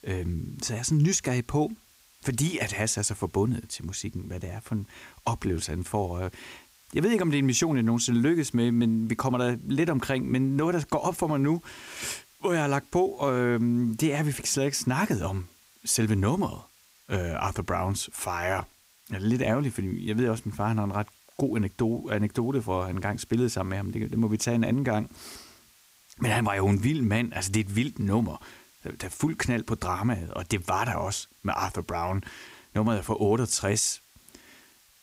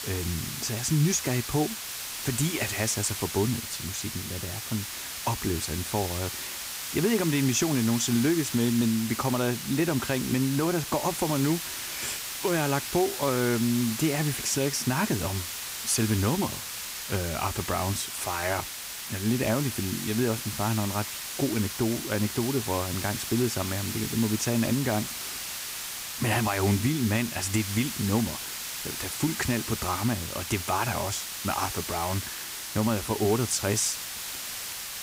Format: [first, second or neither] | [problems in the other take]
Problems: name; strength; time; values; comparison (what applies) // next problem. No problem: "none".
first | hiss; loud; throughout; 5 dB below the speech; faint in the first